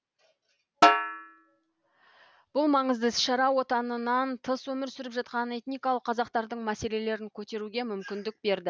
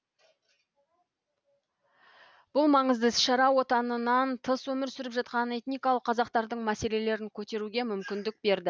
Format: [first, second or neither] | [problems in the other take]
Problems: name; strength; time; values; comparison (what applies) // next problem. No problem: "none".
second | background sound (Snare drum); 3 dB above the speech